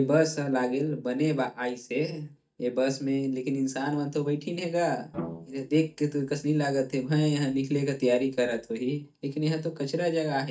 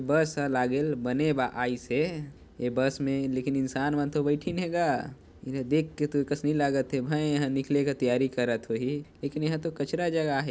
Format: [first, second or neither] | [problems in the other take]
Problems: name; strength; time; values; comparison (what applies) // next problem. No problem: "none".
second | noise reduction (neural mask model DeepFilterNet 3)